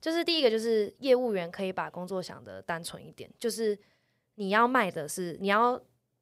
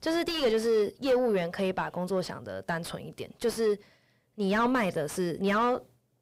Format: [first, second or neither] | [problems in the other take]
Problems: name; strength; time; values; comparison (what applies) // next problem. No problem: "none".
first | distortion; heavy; 6 dB below the speech